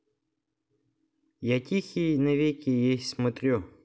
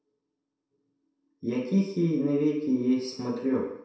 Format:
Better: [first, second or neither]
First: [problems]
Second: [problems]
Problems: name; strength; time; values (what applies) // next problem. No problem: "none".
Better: first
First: none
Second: room echo; dies away in 0.7 s